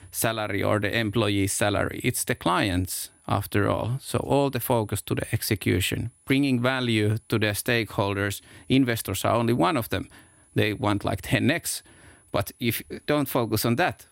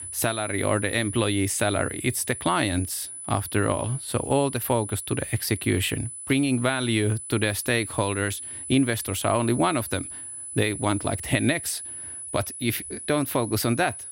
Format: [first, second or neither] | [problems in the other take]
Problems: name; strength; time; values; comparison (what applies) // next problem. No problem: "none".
first | high-pitched whine; loud; throughout; 10 kHz, 9 dB below the speech; faint in the first